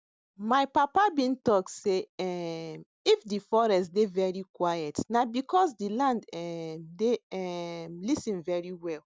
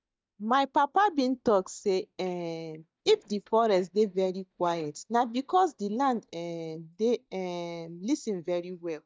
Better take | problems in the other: first | noise reduction (neural mask model DeepFilterNet 3)

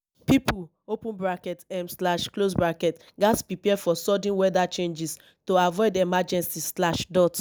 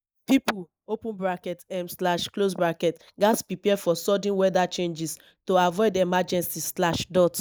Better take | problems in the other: first | noise reduction (neural mask model Resemble Enhance denoiser)

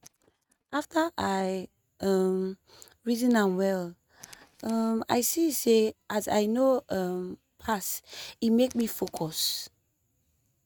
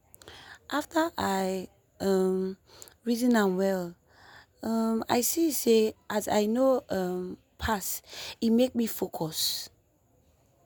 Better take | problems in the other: second | noise reduction (neural mask model RNNoise)

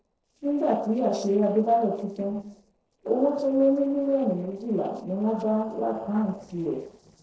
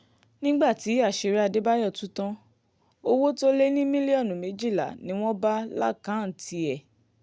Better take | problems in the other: second | noise reduction (neural separator model SepFormer DNS4)

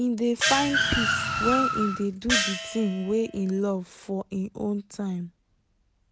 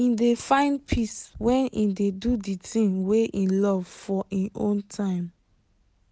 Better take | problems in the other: second | background sound (Car + Gong); 1 dB above the speech

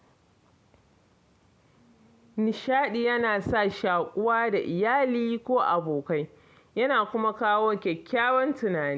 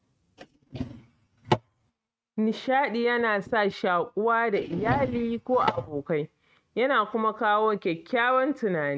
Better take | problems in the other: first | noise reduction (neural mask model RNNoise)

